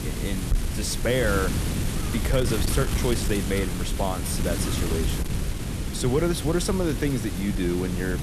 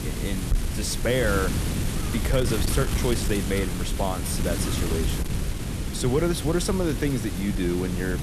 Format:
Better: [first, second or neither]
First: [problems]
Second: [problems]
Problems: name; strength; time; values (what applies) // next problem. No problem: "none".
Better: neither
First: wind noise on the microphone; heavy; 5 dB below the speech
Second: wind noise on the microphone; heavy; 5 dB below the speech